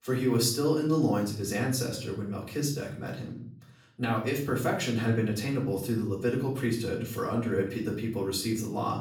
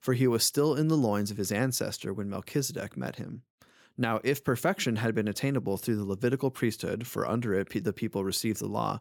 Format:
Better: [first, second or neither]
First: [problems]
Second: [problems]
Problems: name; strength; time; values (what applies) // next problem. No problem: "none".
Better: second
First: room echo; slight; dies away in 0.5 s // off-mic speech; far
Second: none